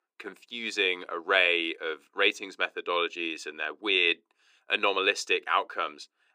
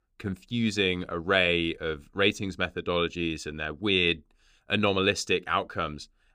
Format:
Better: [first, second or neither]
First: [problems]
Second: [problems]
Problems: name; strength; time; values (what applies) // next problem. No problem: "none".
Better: second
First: thin; very; fading below 350 Hz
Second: none